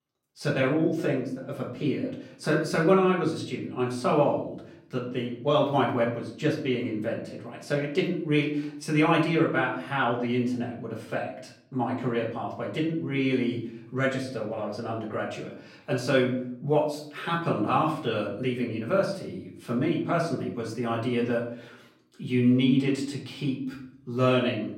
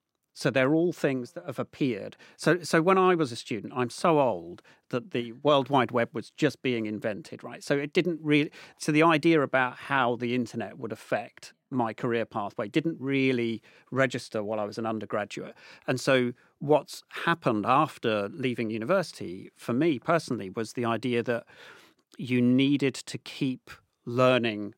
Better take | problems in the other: second | off-mic speech; far // room echo; slight; dies away in 0.6 s

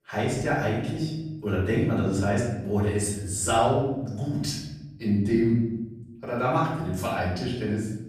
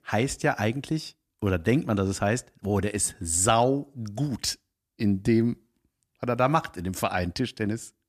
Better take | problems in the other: second | off-mic speech; far // room echo; noticeable; dies away in 1.1 s

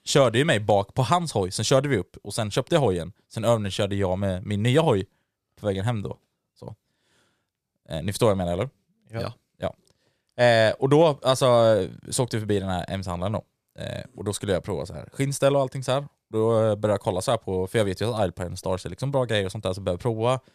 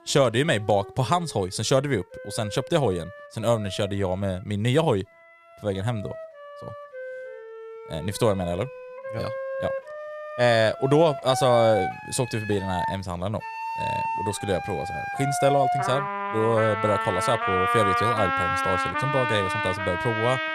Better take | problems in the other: first | background music; loud; throughout; 3 dB below the speech

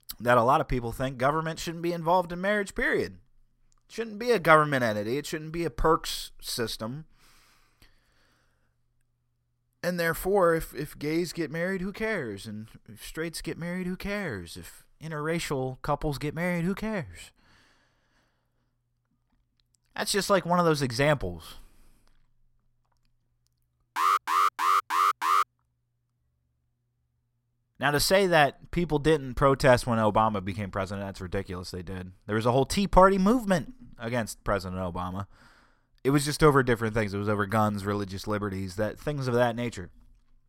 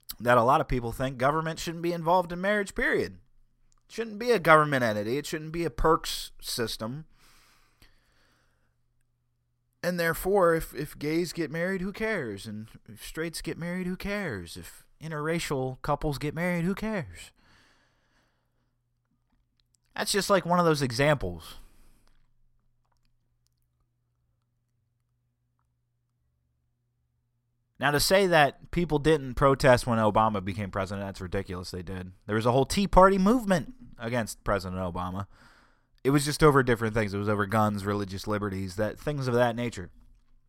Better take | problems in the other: second | alarm; loud; from 24 to 25 s; peak 4 dB above the speech

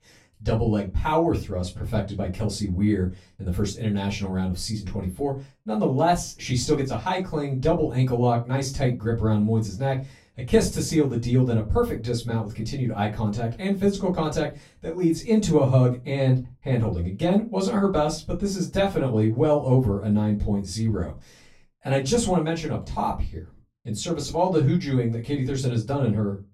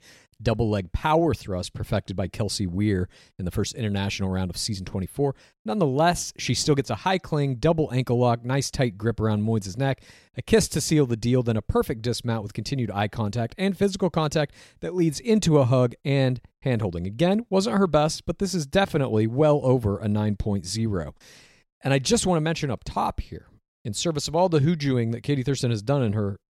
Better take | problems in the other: second | off-mic speech; far // room echo; very slight; dies away in 0.2 s

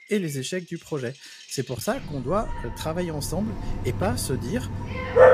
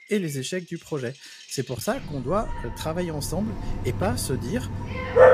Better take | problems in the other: neither | animal sounds; very loud; throughout; as loud as the speech; the same in both

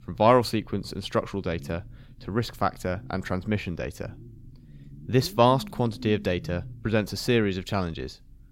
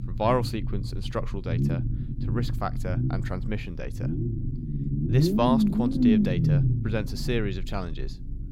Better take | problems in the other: first | low rumble; loud; throughout; 2 dB below the speech; faint in the first

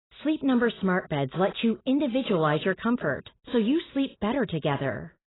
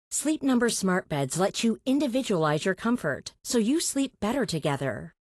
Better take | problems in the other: second | garbled, watery; badly; nothing above 4 kHz; slightly in the second

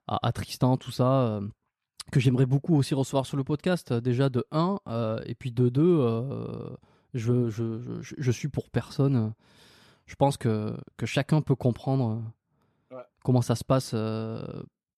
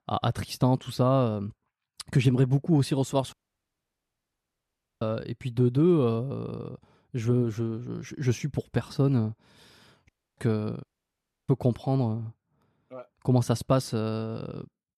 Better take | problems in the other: first | audio cutting out; at 3.5 s for 1.5 s, at 10 s and at 11 s for 0.5 s

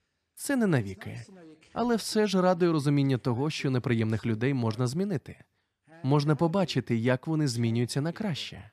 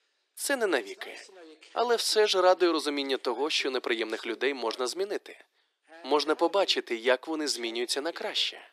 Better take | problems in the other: first | thin; very; fading below 350 Hz

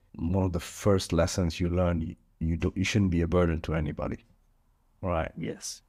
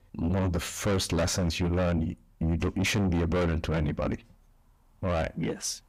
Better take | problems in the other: first | distortion; heavy; 7 dB below the speech

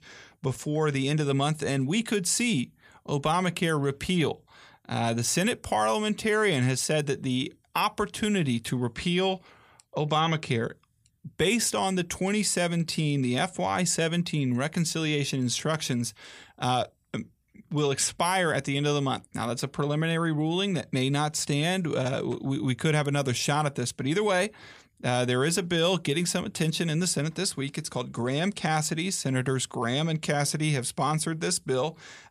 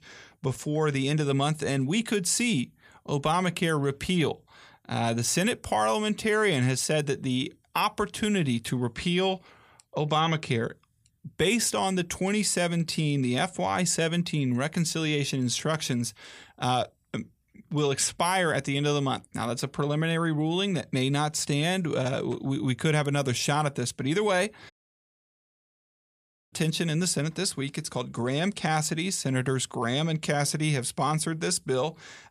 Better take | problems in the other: first | audio cutting out; at 25 s for 2 s

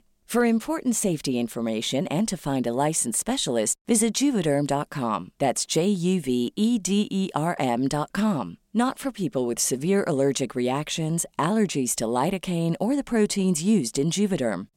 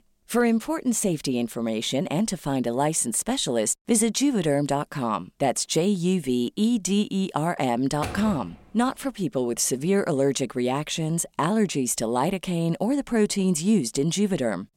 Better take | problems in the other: first | door banging; noticeable; at 8 s; peak 9 dB below the speech

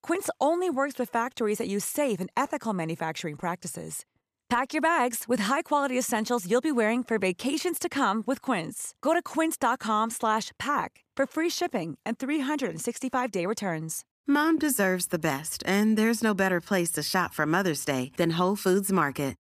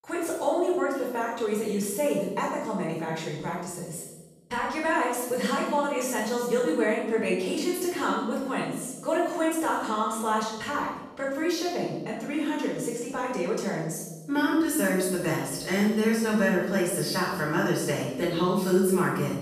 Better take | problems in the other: first | off-mic speech; far // room echo; noticeable; dies away in 1 s

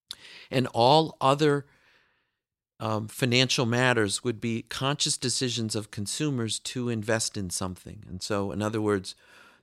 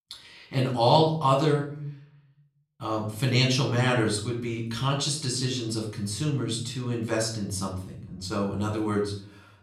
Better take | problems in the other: first | off-mic speech; far // room echo; slight; dies away in 0.6 s

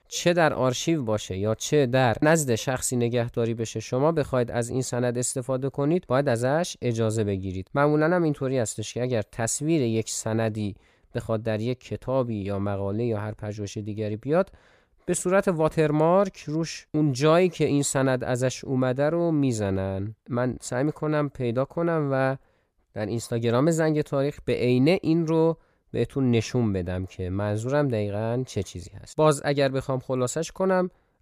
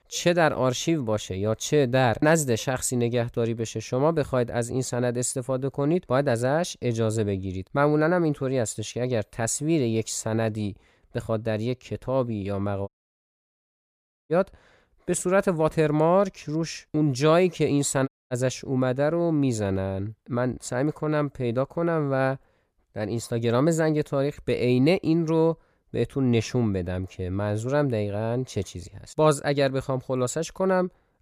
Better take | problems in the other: first | audio cutting out; at 13 s for 1.5 s and at 18 s

